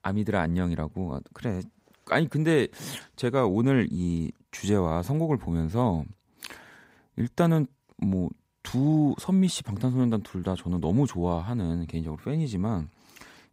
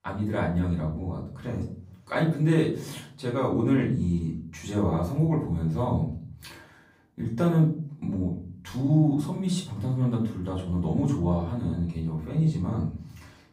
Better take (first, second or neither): first